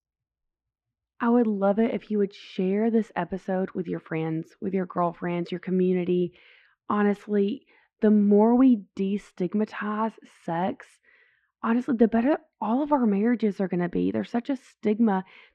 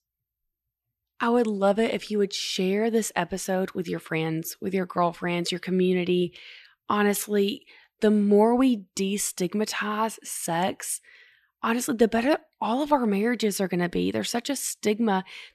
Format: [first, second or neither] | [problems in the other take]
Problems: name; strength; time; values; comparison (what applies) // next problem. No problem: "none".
second | muffled; very; fading above 1.5 kHz